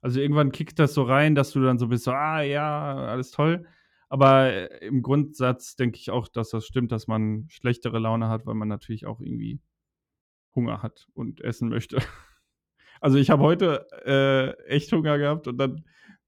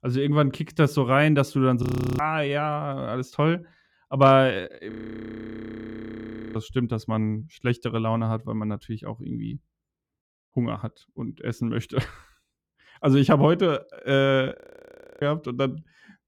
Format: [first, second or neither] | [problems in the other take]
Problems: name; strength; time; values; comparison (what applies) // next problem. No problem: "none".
first | audio freezing; at 2 s, at 5 s for 1.5 s and at 15 s for 0.5 s